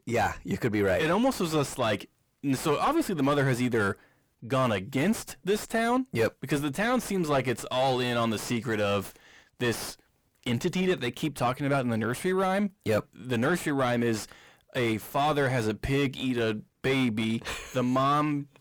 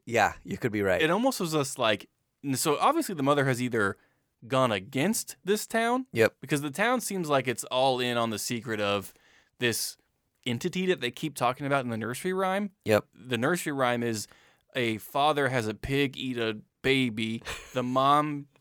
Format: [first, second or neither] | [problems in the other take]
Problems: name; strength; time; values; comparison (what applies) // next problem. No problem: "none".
second | distortion; heavy; 7 dB below the speech